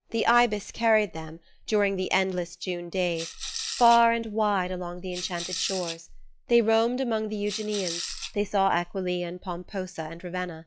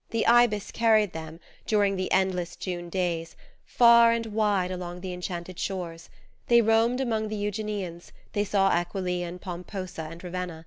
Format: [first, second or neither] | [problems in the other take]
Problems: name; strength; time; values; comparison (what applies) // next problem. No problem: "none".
second | noise reduction (classical method log-MMSE)